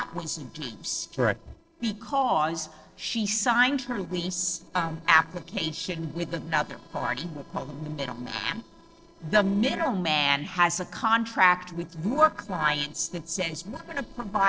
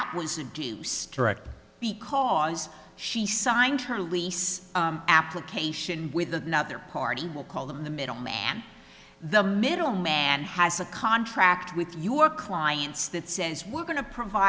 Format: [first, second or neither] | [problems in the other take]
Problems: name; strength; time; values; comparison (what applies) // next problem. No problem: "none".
second | noise reduction (neural separator model SepFormer DNS4)